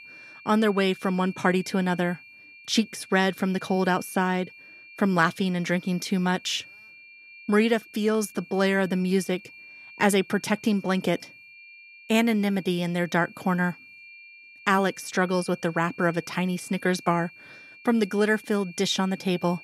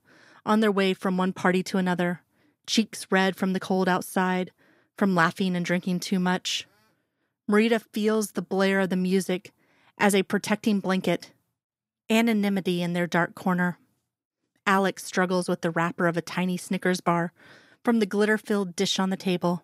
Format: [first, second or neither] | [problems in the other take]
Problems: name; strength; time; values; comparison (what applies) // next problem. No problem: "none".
second | high-pitched whine; faint; throughout; 2.5 kHz, 20 dB below the speech